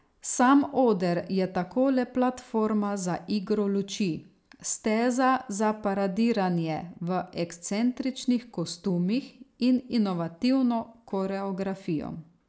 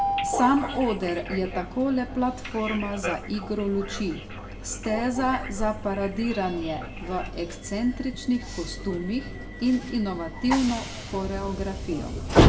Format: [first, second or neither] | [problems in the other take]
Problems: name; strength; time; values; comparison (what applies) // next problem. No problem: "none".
first | background sound (Train); 2 dB below the speech // room echo; dies away in 0.8 s